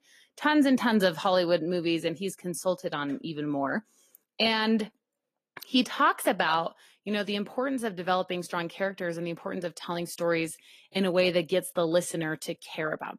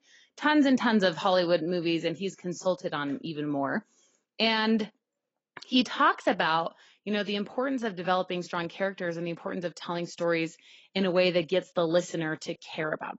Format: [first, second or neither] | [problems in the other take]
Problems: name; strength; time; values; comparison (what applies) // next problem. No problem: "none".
first | garbled, watery; badly; nothing above 7.5 kHz; slightly in the first